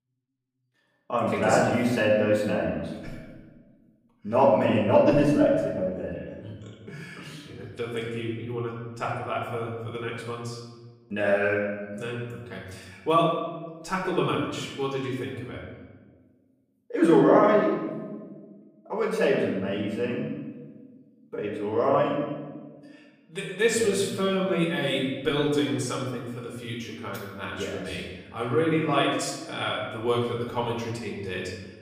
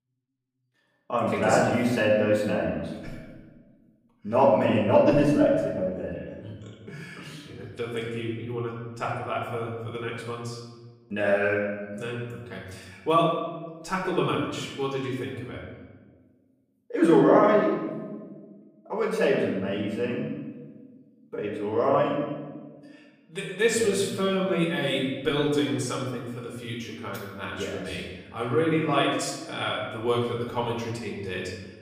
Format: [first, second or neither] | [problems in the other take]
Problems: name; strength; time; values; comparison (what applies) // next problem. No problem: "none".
neither | room echo; noticeable; dies away in 1.2 s; the same in both // off-mic speech; far; the same in both